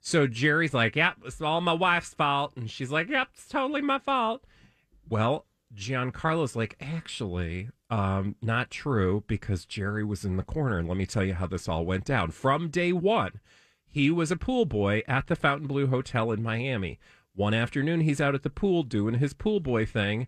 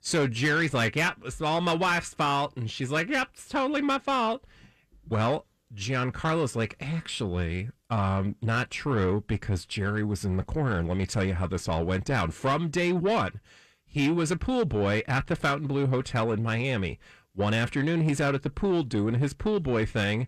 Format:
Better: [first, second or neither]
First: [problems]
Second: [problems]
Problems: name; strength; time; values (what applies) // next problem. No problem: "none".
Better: first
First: none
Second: distortion; slight; 10 dB below the speech